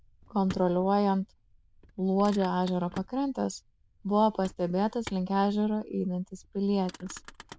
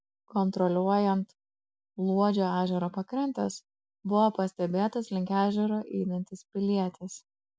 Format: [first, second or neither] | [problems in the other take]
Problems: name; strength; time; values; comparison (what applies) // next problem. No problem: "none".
second | noise reduction (neural diffusion model UNIVERSE++)